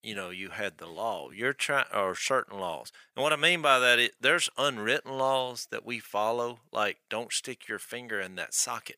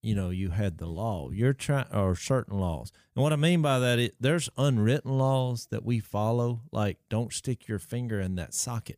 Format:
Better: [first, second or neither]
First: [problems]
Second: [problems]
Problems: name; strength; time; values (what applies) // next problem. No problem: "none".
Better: second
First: thin; very; fading below 500 Hz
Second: none